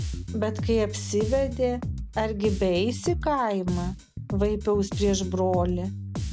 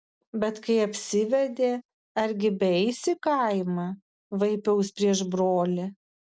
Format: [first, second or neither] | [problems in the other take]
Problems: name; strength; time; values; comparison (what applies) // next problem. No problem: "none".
second | background sound (Bass guitar); 5 dB below the speech